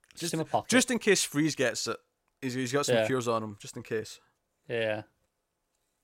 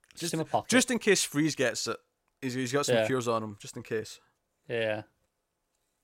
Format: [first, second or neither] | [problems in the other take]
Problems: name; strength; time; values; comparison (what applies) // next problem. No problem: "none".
neither | none